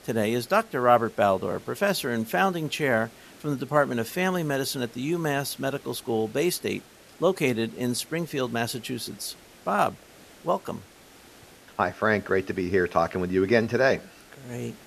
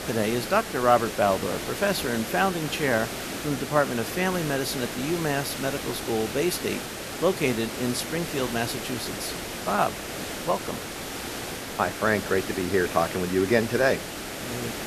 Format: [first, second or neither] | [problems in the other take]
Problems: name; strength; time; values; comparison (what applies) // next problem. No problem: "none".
first | hiss; loud; throughout; 6 dB below the speech; faint in the first